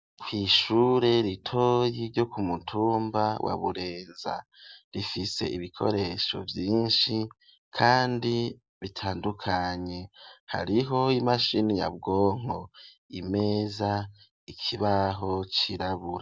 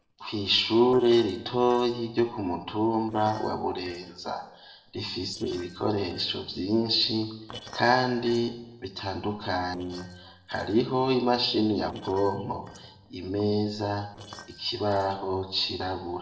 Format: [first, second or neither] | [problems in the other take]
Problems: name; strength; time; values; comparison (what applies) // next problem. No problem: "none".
first | noise reduction (neural separator model SepFormer DNS4)